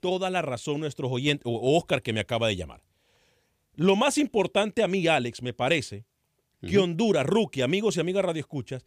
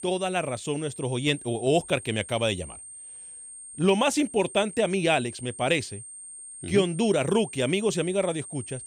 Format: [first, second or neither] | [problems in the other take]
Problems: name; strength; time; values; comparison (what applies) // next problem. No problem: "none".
first | high-pitched whine; noticeable; throughout; 8.5 kHz, 15 dB below the speech